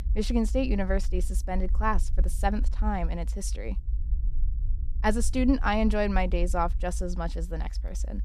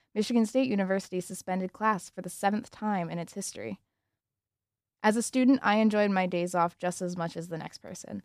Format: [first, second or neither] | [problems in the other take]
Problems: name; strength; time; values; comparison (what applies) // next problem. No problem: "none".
second | low rumble; faint; throughout; 25 dB below the speech